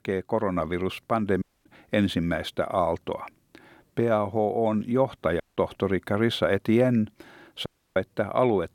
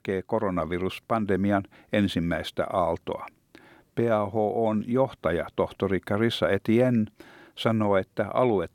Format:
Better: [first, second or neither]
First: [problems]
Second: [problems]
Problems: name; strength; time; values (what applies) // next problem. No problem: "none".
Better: second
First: audio cutting out; at 1.5 s, at 5.5 s and at 7.5 s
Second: none